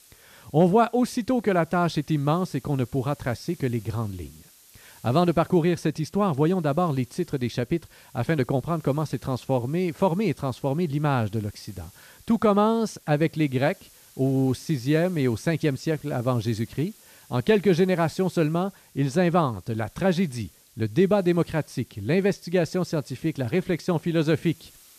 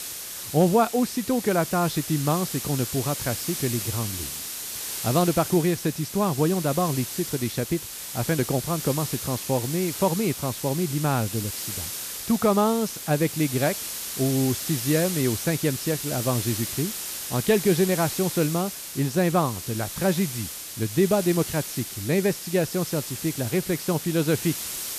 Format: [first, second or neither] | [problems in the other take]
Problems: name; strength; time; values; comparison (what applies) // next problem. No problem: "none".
first | hiss; loud; throughout; 6 dB below the speech; faint in the first